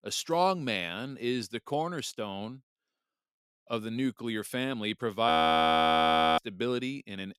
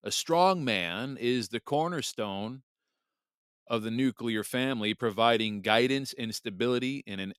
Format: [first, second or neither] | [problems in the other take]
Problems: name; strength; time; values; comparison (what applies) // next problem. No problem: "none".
second | audio freezing; at 5.5 s for 1 s